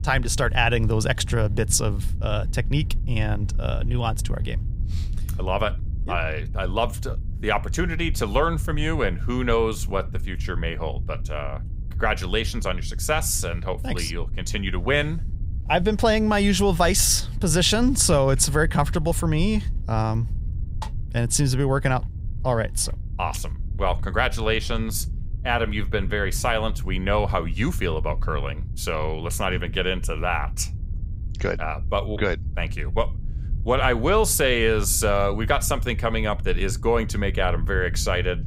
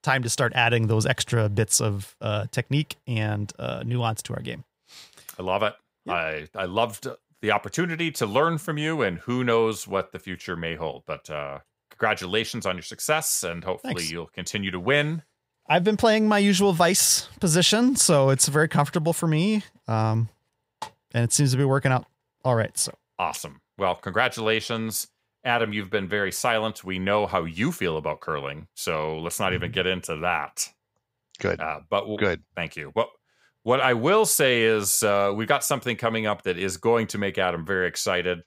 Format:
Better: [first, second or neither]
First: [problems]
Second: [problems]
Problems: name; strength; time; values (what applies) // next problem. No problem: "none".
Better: second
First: low rumble; faint; throughout; 20 dB below the speech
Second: none